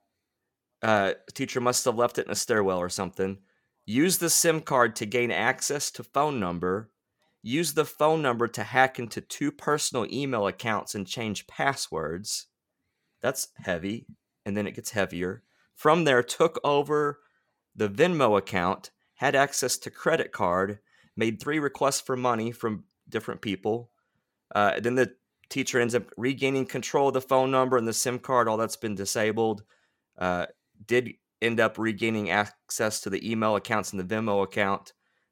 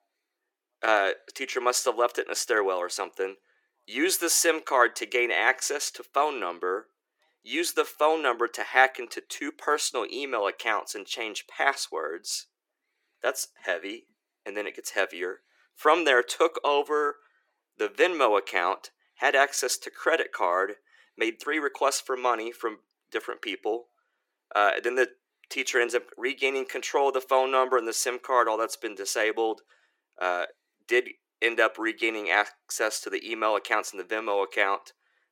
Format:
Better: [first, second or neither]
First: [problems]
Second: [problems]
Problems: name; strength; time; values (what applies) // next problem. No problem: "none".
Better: first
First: none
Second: thin; very; fading below 350 Hz